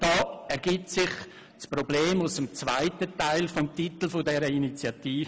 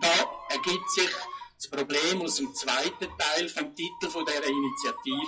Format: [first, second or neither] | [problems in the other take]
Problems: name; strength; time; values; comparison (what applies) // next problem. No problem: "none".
first | noise reduction (classical method WPE with log-MMSE)